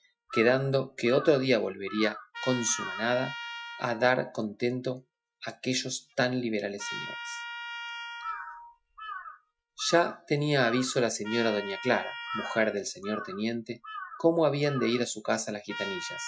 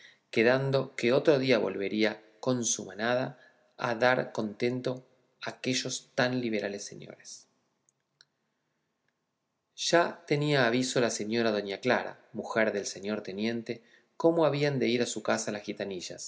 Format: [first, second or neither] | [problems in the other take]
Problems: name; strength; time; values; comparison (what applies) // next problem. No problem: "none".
second | noise reduction (classical method Wiener filter)